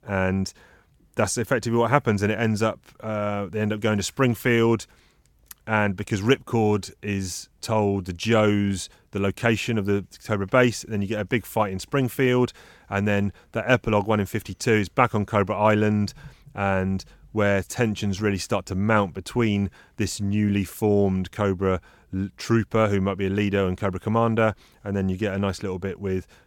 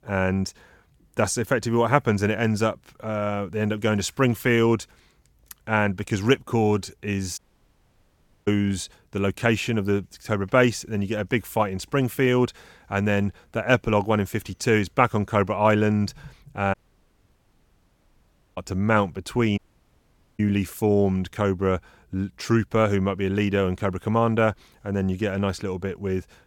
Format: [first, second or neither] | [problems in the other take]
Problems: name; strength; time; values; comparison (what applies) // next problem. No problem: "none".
first | audio cutting out; at 7.5 s for 1 s, at 17 s for 2 s and at 20 s for 1 s